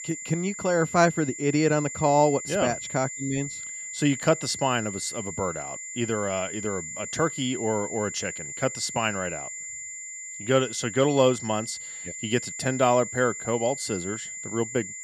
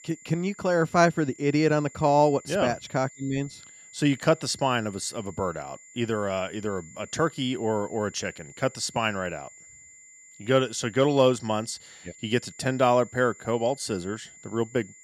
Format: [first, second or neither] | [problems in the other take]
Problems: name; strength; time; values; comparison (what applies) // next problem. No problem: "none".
second | high-pitched whine; loud; throughout; 7 kHz, 8 dB below the speech; faint in the second